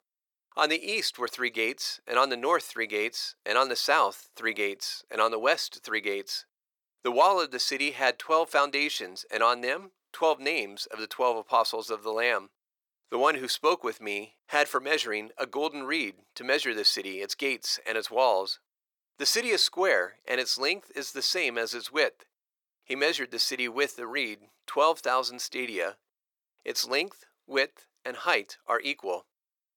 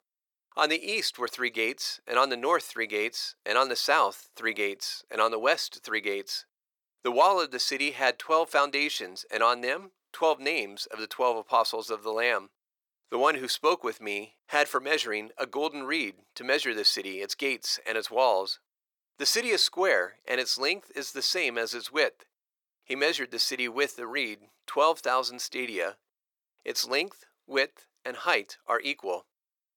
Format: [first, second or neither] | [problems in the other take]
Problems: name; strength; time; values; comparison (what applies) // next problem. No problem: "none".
neither | thin; very; fading below 450 Hz; the same in both